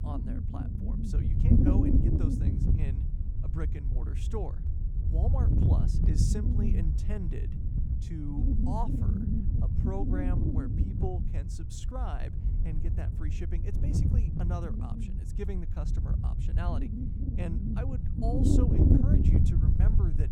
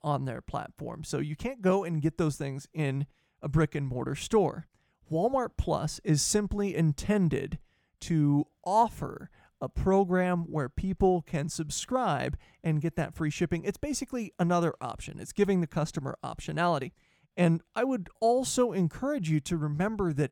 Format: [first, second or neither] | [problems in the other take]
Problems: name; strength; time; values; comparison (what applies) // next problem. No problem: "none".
second | wind noise on the microphone; heavy; 3 dB above the speech